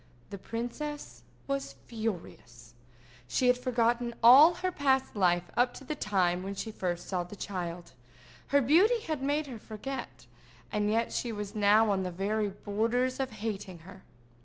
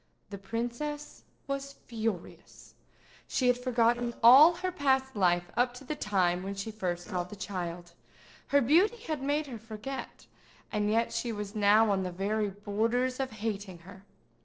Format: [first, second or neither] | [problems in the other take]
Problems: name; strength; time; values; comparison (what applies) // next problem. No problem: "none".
first | noise reduction (neural separator model SepFormer DNS4)